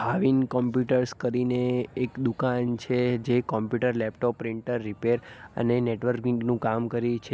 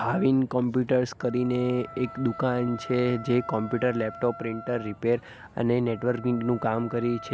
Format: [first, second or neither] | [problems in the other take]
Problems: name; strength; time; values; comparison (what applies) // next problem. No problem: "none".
first | background sound (Wind instrument, woodwind instrument); 17 dB below the speech